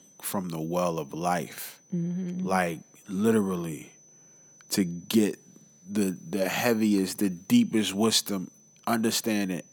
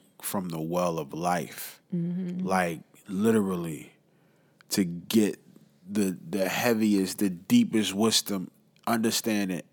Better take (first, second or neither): second